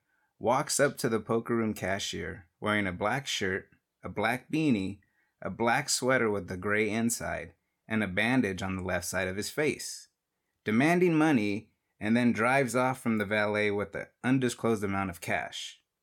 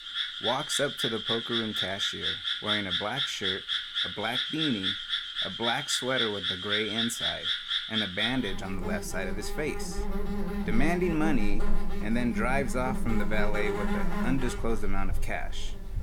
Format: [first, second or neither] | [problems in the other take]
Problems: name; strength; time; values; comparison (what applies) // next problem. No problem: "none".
first | animal sounds; very loud; throughout; 1 dB above the speech